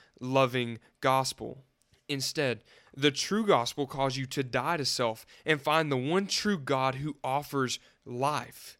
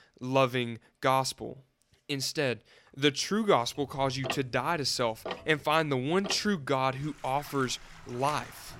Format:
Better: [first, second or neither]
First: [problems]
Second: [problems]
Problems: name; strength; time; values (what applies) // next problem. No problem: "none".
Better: first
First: none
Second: household noises; noticeable; from 3.5 s on; 10 dB below the speech